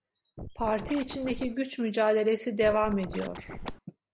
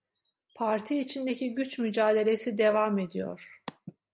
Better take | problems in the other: second | background sound (Scratching (performance technique)); 11 dB below the speech

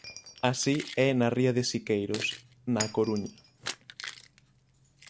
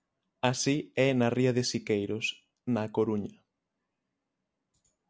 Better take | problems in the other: second | background sound (Shatter + Keys jangling); 13 dB below the speech

